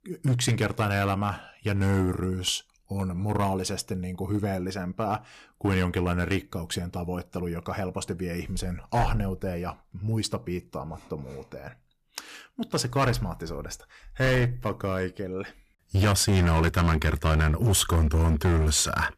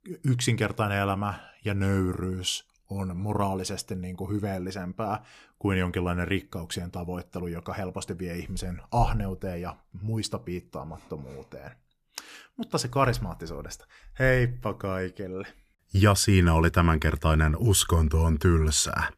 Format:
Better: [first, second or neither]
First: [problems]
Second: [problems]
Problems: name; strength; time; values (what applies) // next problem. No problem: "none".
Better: second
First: distortion; slight; 7% of the sound clipped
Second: none